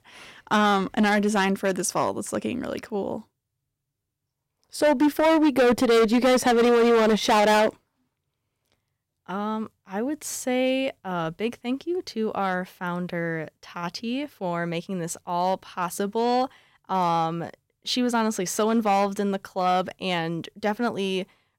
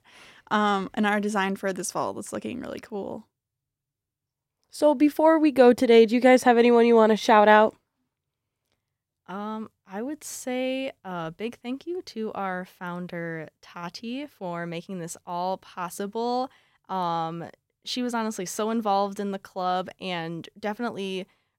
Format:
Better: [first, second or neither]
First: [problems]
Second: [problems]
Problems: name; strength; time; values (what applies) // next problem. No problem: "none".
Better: second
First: distortion; heavy; 6% of the sound clipped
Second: none